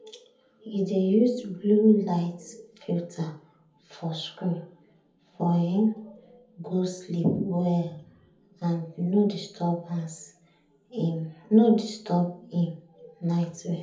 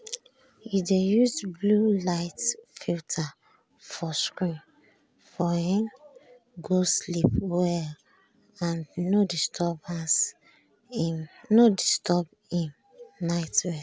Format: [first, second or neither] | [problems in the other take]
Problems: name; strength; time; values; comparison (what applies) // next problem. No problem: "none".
second | room echo; dies away in 0.7 s